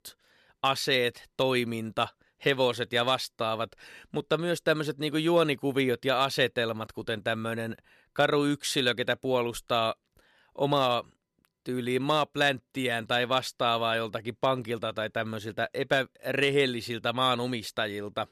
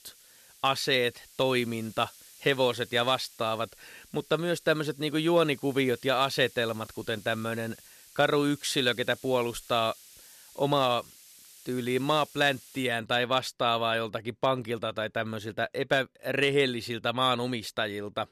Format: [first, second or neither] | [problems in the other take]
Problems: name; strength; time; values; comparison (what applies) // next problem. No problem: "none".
first | hiss; faint; until 13 s; 20 dB below the speech